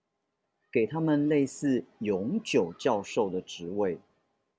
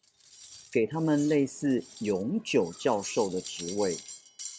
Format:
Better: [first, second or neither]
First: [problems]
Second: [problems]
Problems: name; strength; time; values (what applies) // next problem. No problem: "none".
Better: first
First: none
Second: background sound (Cutlery, silverware); 15 dB below the speech